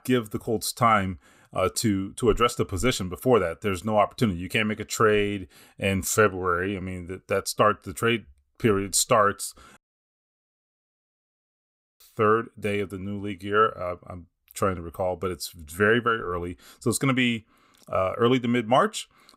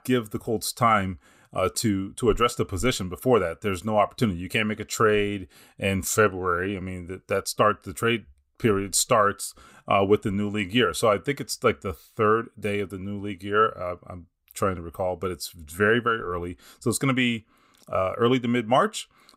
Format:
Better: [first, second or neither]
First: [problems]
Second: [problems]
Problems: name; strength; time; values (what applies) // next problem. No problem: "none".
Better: second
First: audio cutting out; at 10 s for 2 s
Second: none